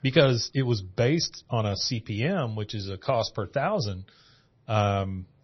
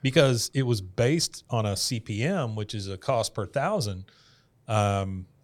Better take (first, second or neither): second